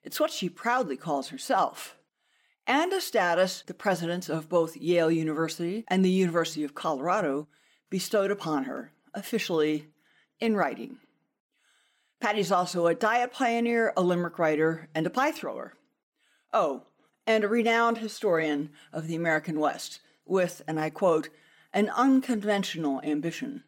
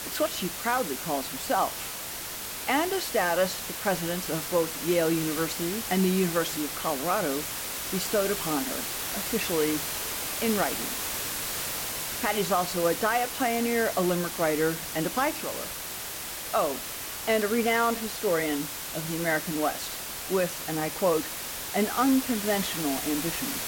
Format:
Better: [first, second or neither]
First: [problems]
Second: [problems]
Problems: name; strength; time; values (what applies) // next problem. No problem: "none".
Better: first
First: none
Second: hiss; loud; throughout; 3 dB below the speech